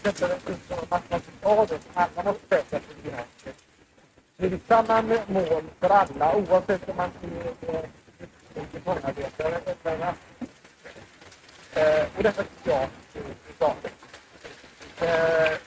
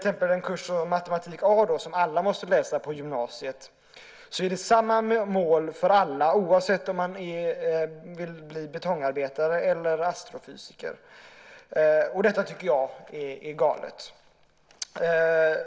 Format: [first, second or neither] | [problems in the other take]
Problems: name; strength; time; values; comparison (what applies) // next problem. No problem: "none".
second | noise reduction (neural mask model RNNoise)